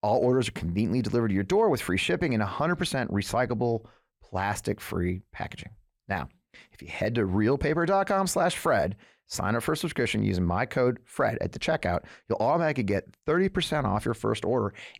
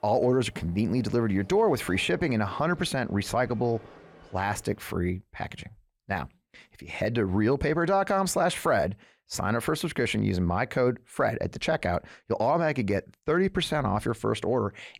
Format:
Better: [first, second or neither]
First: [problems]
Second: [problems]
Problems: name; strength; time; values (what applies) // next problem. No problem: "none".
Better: first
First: none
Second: train or aircraft noise; faint; until 4.5 s; 25 dB below the speech